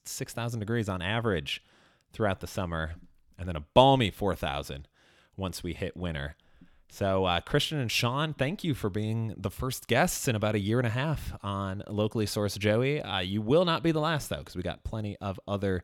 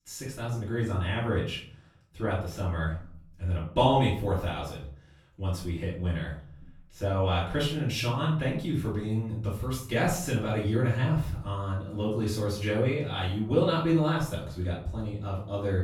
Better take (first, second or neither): first